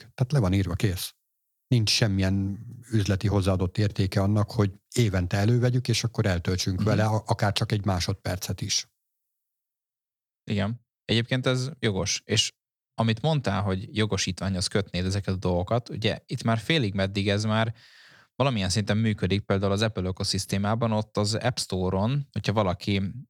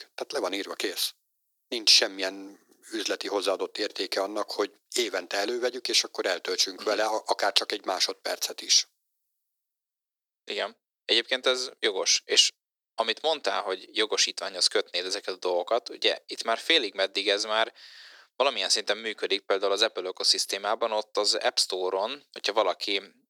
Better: first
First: none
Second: thin; very; fading below 350 Hz

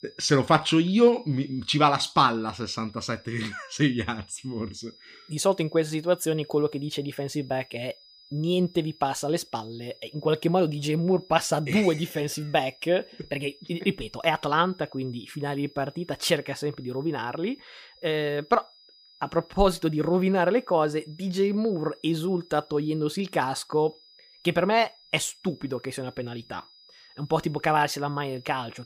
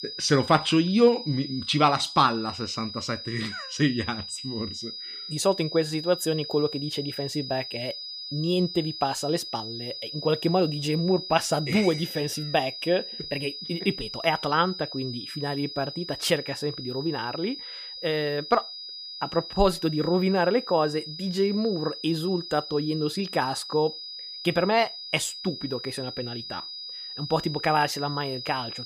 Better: first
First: high-pitched whine; faint; throughout; 5 kHz, 25 dB below the speech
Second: high-pitched whine; loud; throughout; 5 kHz, 9 dB below the speech

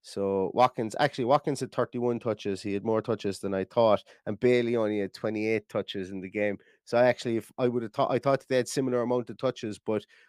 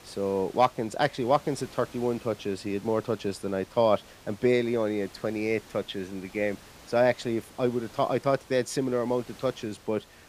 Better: first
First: none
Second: hiss; faint; throughout; 20 dB below the speech

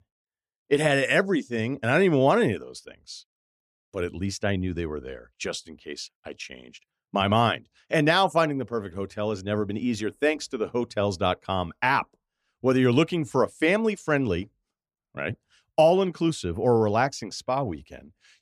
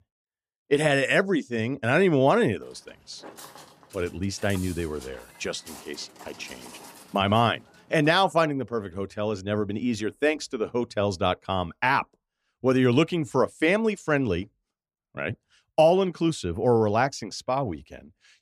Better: first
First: none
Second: footsteps; faint; from 2.5 to 8.5 s; peak 15 dB below the speech

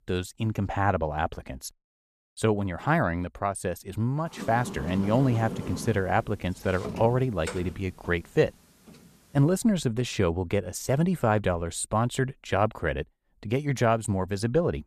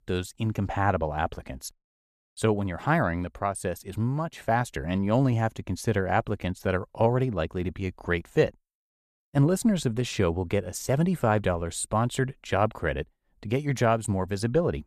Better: second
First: door banging; noticeable; from 4.5 to 9 s; peak 8 dB below the speech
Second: none

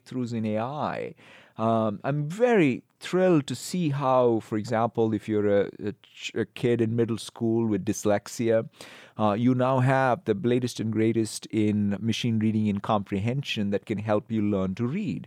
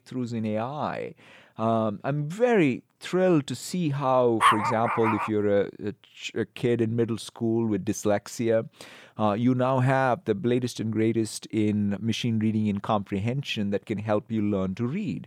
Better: first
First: none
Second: dog barking; loud; at 4.5 s; peak 5 dB above the speech

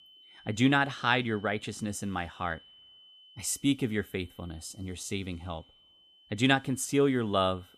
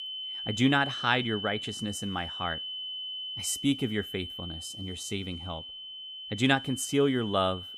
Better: first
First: high-pitched whine; faint; throughout; 3 kHz, 25 dB below the speech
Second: high-pitched whine; loud; throughout; 3 kHz, 7 dB below the speech

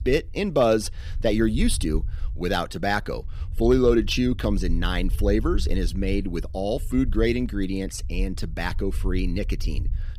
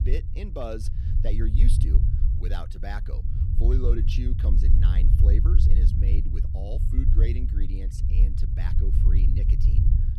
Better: first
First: low rumble; faint; throughout; 25 dB below the speech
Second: low rumble; loud; throughout; 2 dB below the speech

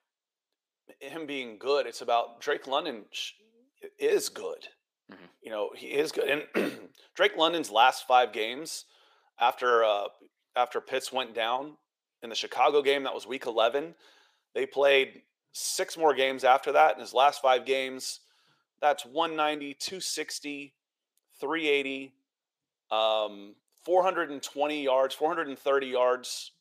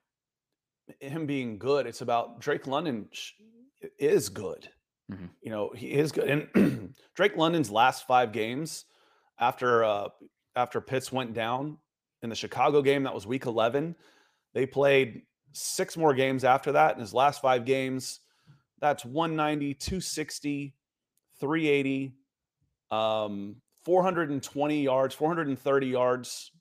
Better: second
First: thin; somewhat; fading below 500 Hz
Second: none

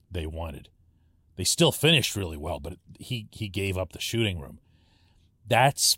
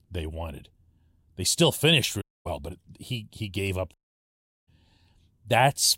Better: first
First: none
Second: audio cutting out; at 2 s and at 4 s for 0.5 s

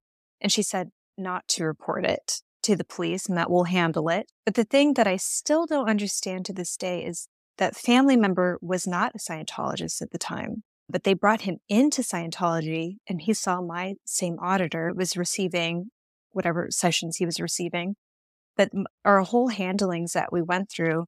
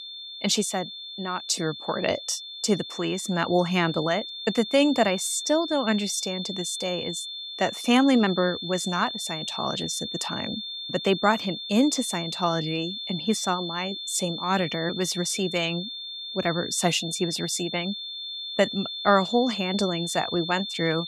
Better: first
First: none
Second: high-pitched whine; loud; throughout; 3.5 kHz, 7 dB below the speech

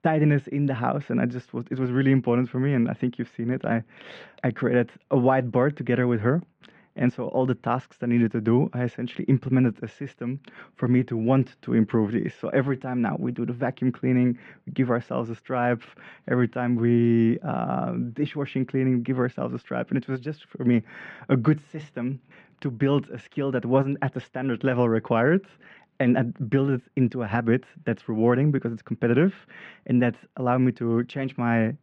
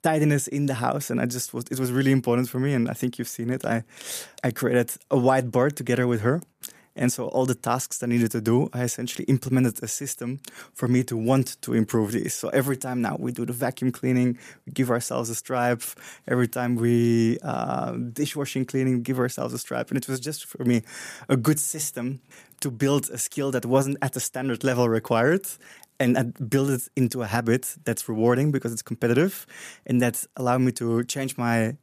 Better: second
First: muffled; very; fading above 3 kHz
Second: none

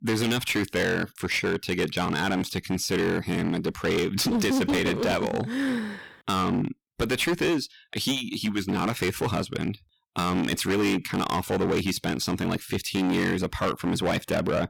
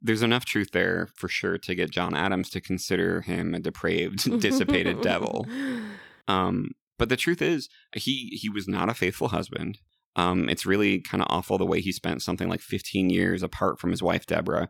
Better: second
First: distortion; heavy; 17% of the sound clipped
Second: none

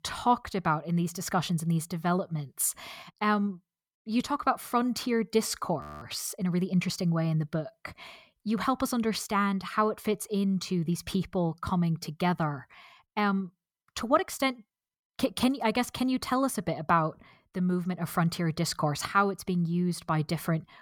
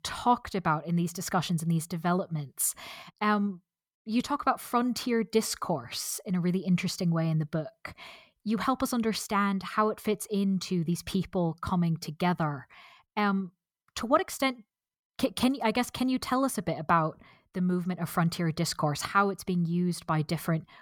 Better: second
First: audio freezing; at 6 s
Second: none

